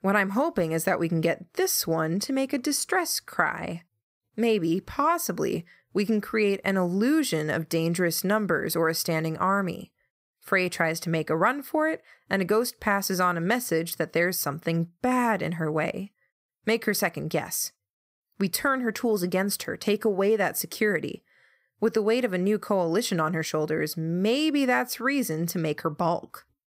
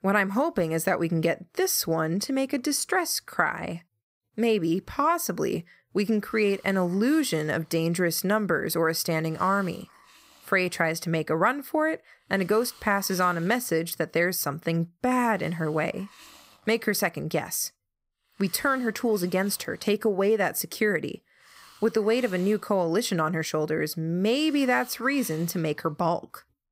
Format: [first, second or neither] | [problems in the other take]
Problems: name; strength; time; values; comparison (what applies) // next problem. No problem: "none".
first | hiss; faint; from 6 s on; 25 dB below the speech